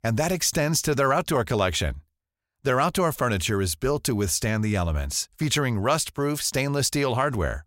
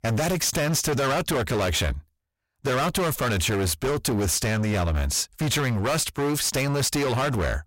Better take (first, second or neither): first